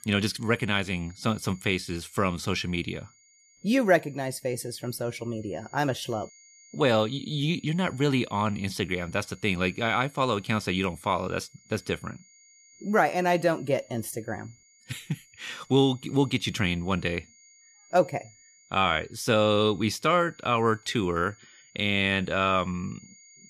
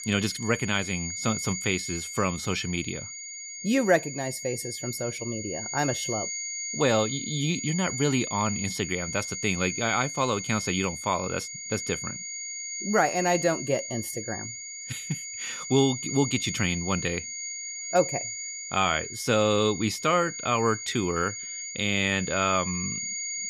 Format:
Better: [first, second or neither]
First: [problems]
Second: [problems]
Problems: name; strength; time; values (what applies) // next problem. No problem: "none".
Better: first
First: high-pitched whine; faint; throughout; 6.5 kHz, 25 dB below the speech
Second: high-pitched whine; loud; throughout; 6.5 kHz, 5 dB below the speech